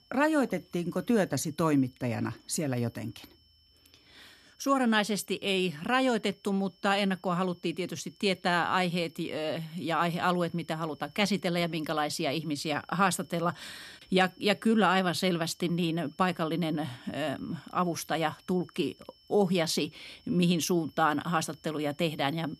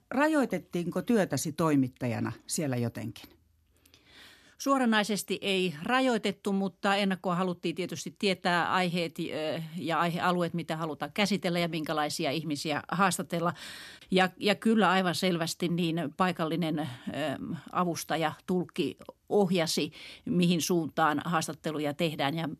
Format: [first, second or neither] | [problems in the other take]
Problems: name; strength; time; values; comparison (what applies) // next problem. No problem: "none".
second | high-pitched whine; faint; throughout; 5.5 kHz, 30 dB below the speech